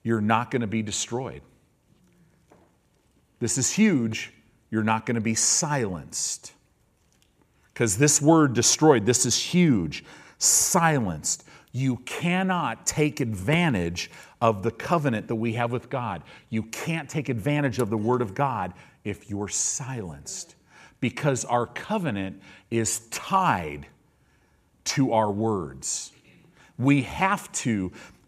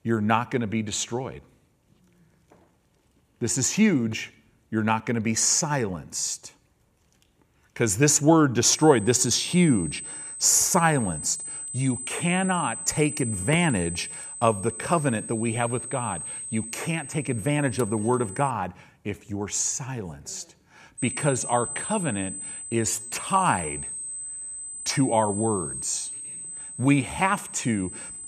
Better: first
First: none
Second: high-pitched whine; loud; from 8.5 to 19 s and from 21 s on; 8 kHz, 9 dB below the speech

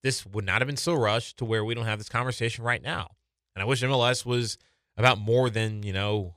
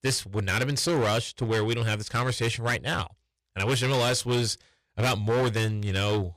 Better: first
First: none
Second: distortion; heavy; 16% of the sound clipped

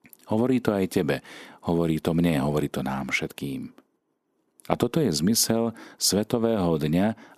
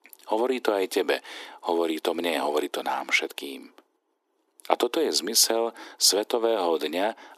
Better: first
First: none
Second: thin; very; fading below 300 Hz

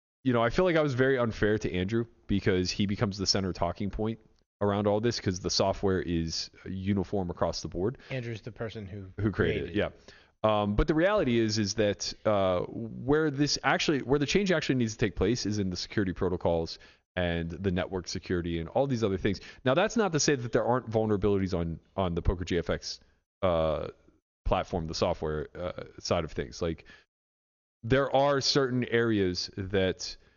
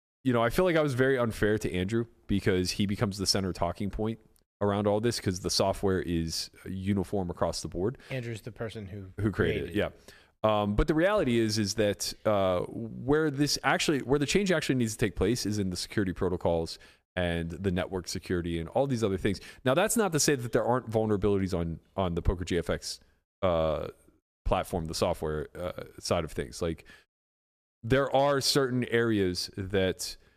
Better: second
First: garbled, watery; slightly; nothing above 6.5 kHz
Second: none

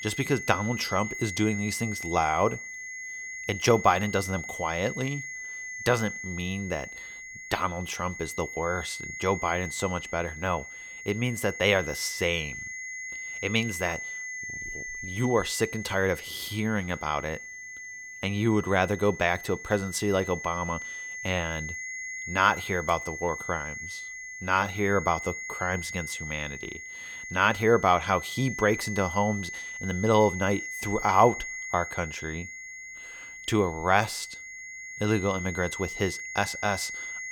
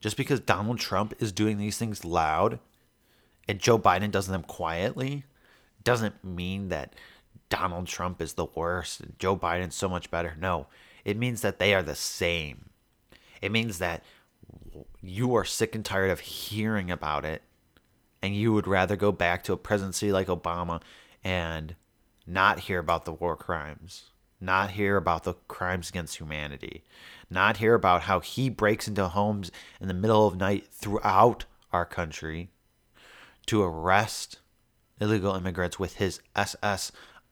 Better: second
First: high-pitched whine; loud; throughout; 2 kHz, 8 dB below the speech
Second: none

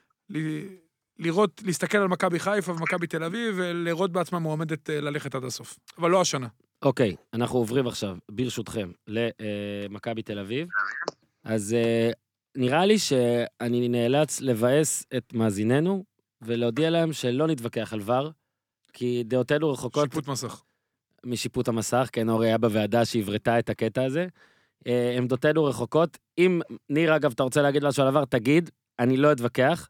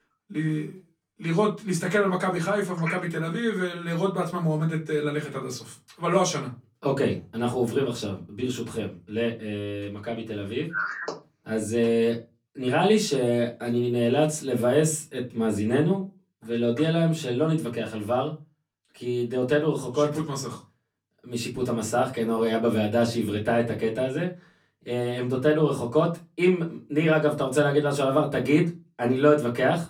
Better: first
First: none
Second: off-mic speech; far // room echo; very slight; dies away in 0.2 s

